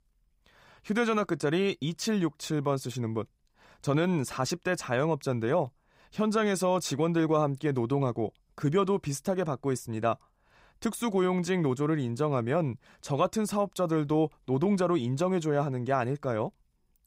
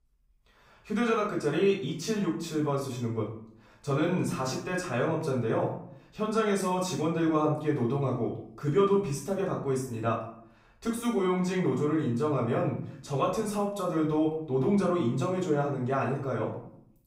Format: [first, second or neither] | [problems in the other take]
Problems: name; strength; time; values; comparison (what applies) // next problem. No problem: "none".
first | off-mic speech; far // room echo; noticeable; dies away in 0.5 s